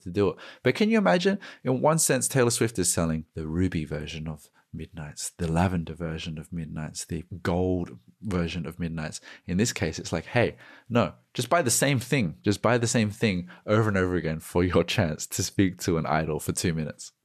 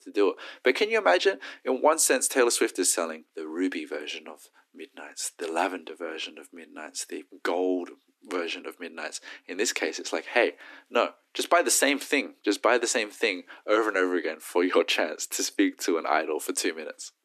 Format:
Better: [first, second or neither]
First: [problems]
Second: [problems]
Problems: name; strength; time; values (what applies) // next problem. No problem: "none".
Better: first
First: none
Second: thin; somewhat; fading below 250 Hz